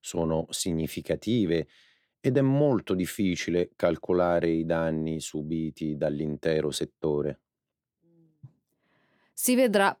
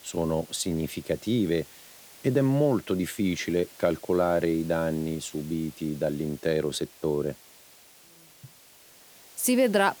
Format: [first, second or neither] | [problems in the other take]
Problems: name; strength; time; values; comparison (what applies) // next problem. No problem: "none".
first | hiss; faint; throughout; 20 dB below the speech